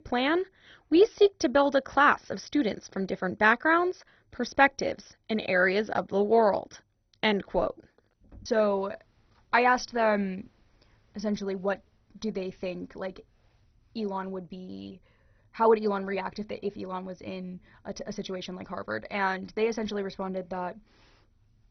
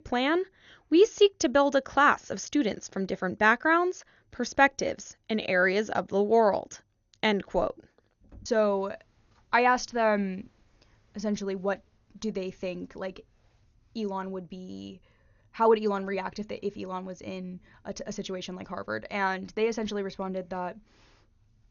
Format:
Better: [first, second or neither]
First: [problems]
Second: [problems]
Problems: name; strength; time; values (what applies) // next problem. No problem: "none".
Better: second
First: garbled, watery; badly; nothing above 6 kHz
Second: garbled, watery; slightly; nothing above 6.5 kHz